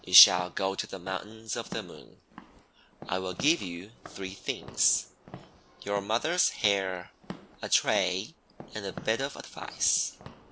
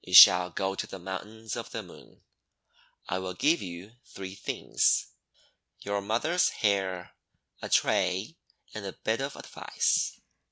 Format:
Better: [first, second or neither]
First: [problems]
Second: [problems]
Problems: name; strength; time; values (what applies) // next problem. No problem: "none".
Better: second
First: background sound (Walk, footsteps / Siren); 17 dB below the speech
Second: none